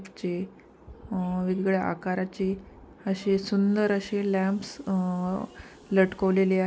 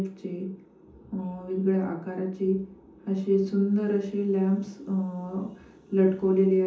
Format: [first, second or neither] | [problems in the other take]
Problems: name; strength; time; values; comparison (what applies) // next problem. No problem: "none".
first | room echo; dies away in 0.6 s